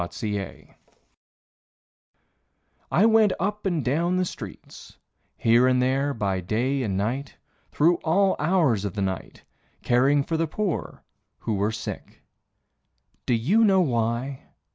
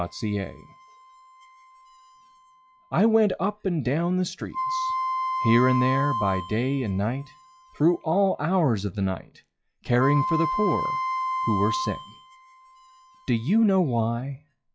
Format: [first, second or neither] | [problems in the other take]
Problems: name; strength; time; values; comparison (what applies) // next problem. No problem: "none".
first | noise reduction (classical method log-MMSE)